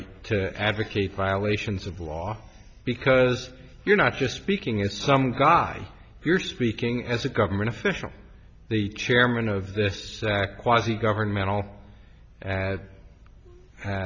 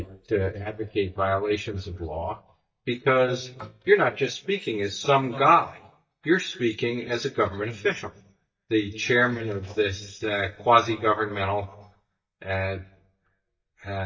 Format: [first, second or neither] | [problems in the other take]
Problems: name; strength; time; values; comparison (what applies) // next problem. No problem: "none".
first | noise reduction (neural mask model DeepFilterNet 3)